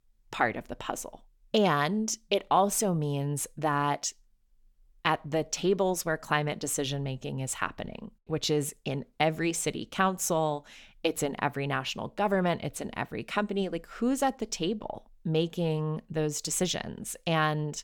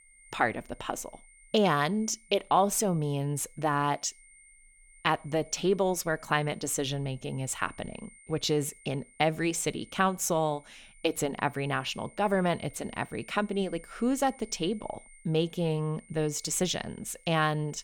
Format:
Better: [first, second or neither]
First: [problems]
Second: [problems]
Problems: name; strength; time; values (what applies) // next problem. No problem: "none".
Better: first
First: none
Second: high-pitched whine; faint; throughout; 2 kHz, 25 dB below the speech